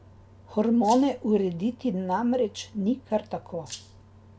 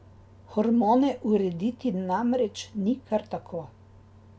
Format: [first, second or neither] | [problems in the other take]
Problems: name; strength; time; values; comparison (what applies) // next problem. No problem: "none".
second | background sound (Rattle (instrument)); 19 dB below the speech